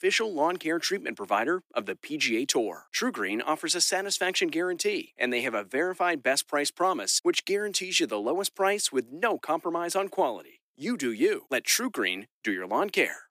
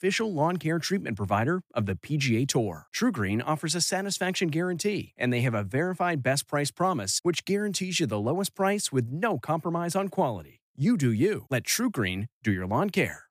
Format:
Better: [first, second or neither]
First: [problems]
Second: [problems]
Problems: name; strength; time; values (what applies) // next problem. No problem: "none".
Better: second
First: thin; somewhat; fading below 300 Hz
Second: none